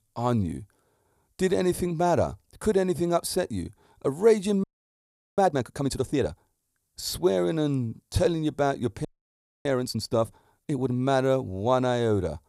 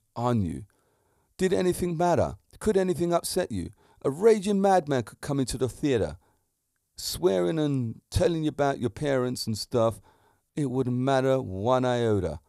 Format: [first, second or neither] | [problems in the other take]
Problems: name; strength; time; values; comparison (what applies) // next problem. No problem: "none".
second | audio freezing; at 4.5 s for 0.5 s and at 9 s for 0.5 s